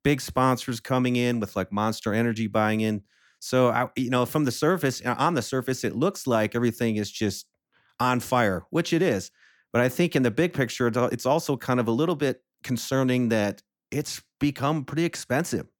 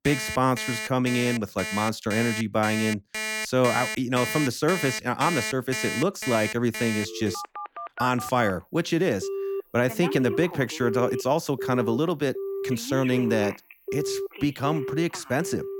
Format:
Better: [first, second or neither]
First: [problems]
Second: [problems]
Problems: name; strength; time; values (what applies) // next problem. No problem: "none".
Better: first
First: none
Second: alarms or sirens; loud; throughout; 6 dB below the speech